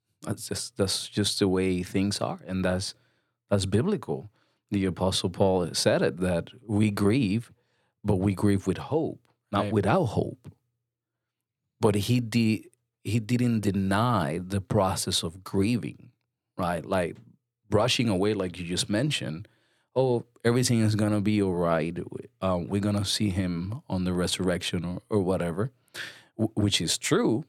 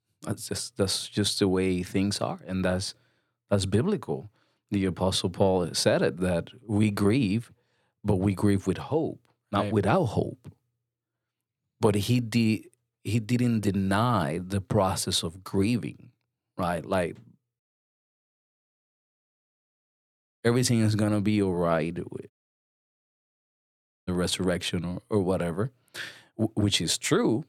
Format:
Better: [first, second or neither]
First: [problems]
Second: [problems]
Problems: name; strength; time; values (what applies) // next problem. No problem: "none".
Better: first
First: none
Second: audio cutting out; at 18 s for 3 s and at 22 s for 2 s